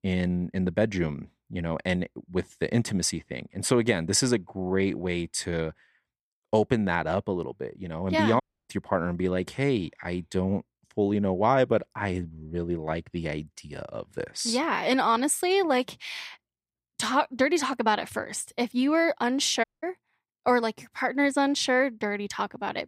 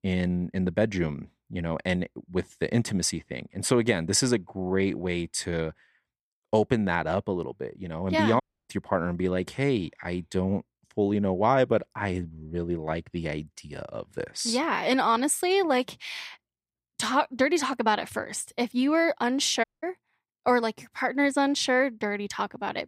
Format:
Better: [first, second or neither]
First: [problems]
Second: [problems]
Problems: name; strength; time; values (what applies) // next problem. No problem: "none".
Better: neither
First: audio cutting out; at 8.5 s and at 20 s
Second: audio cutting out; at 8.5 s and at 20 s